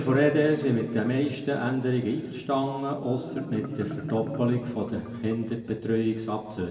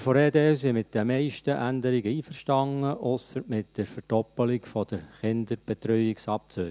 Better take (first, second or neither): second